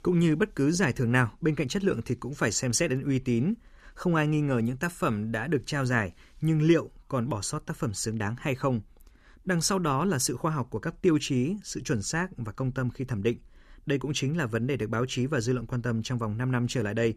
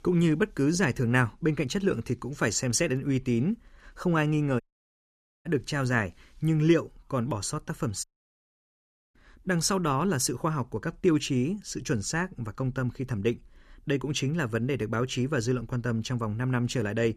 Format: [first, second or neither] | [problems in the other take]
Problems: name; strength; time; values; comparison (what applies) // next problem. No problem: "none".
first | audio cutting out; at 4.5 s for 1 s and at 8 s for 1 s